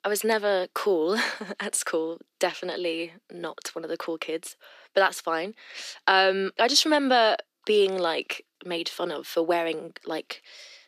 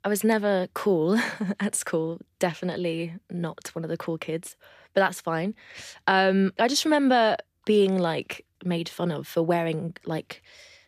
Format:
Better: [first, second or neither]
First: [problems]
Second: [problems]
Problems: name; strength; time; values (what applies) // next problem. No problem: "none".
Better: second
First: thin; somewhat; fading below 300 Hz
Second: none